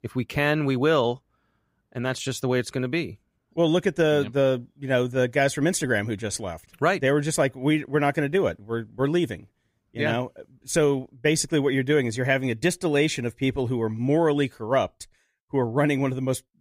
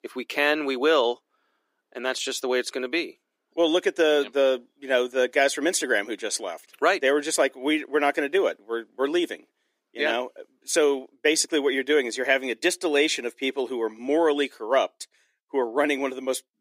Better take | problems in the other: first | thin; somewhat; fading below 300 Hz

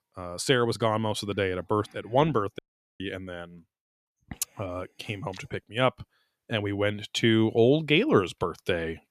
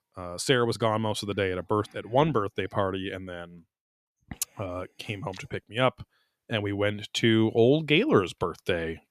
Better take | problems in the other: second | audio cutting out; at 2.5 s

